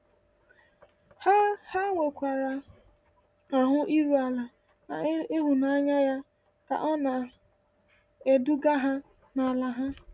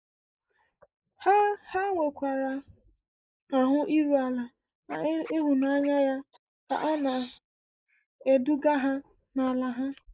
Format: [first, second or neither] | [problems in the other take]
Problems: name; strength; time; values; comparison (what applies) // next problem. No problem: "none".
first | noise reduction (neural mask model Resemble Enhance denoiser)